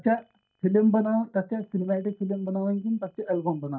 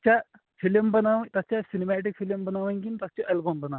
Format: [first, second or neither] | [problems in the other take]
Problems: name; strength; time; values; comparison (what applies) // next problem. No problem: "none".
second | noise reduction (neural mask model DeepFilterNet 3)